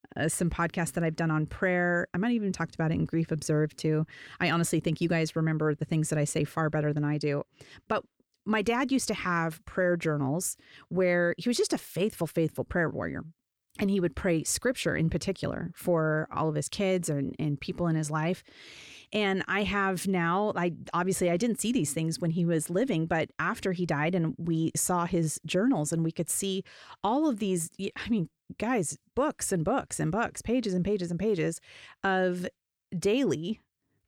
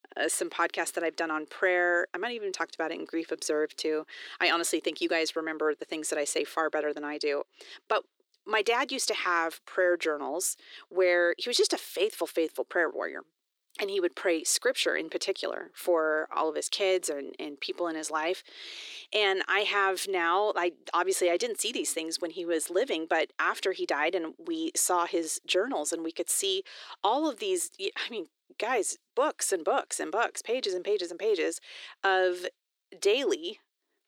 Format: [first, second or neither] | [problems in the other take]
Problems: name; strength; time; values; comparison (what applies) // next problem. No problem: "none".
first | thin; very; fading below 350 Hz